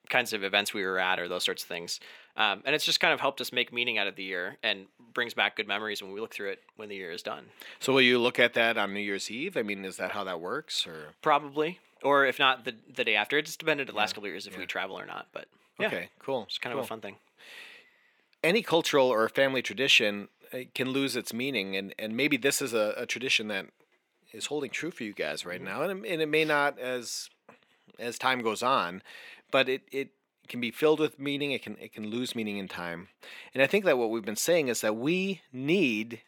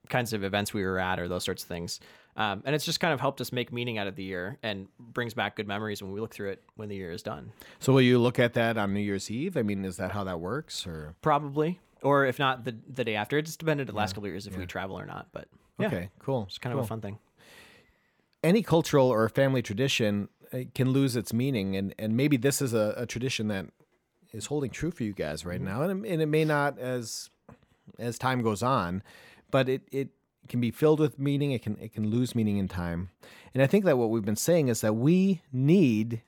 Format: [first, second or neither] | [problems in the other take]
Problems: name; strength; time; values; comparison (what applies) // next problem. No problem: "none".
second | thin; somewhat; fading below 300 Hz